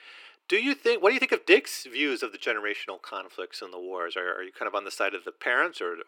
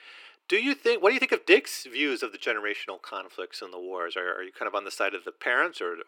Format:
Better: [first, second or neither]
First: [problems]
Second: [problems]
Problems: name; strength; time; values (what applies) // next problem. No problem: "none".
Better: neither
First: thin; somewhat; fading below 350 Hz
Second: thin; somewhat; fading below 350 Hz